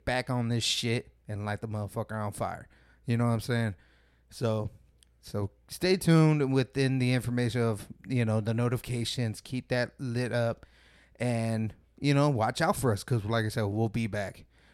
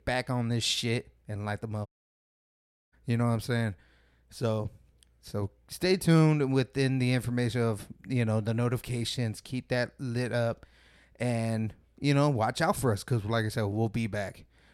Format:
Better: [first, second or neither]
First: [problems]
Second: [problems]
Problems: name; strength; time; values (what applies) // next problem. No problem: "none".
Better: first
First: none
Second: audio cutting out; at 2 s for 1 s